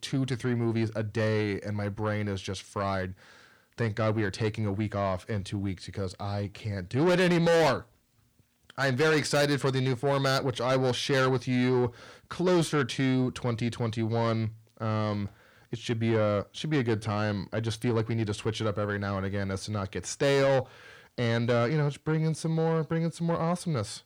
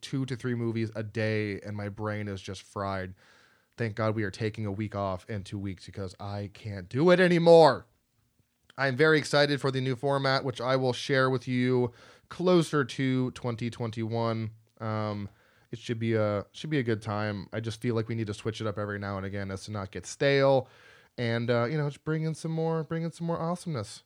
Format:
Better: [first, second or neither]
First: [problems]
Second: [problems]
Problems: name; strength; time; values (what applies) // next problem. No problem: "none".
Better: second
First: distortion; heavy; 7 dB below the speech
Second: none